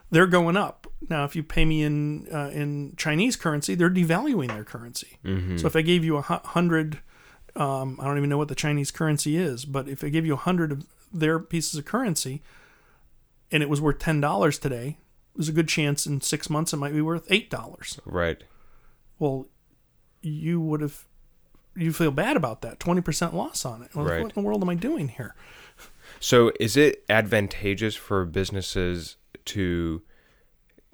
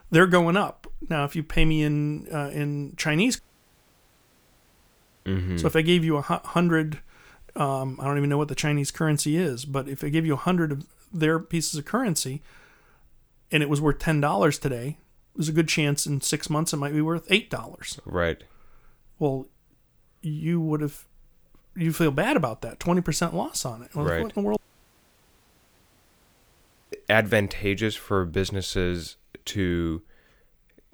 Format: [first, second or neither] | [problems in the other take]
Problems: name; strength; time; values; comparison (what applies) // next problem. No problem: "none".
first | audio cutting out; at 3.5 s for 2 s and at 25 s for 2.5 s